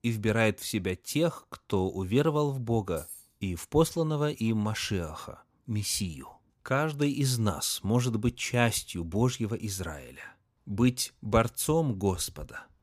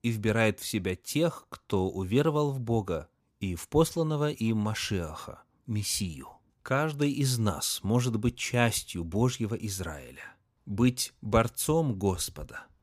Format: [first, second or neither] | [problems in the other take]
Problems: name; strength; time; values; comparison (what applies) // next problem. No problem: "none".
second | jangling keys; faint; at 3 s; peak 15 dB below the speech